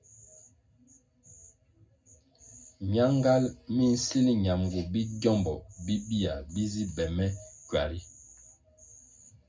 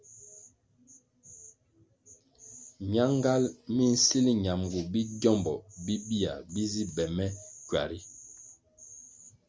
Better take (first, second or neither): second